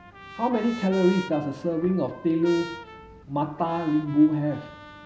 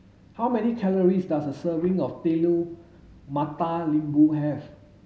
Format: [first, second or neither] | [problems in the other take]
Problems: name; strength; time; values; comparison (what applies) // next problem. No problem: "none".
second | background sound (Trumpet); 16 dB below the speech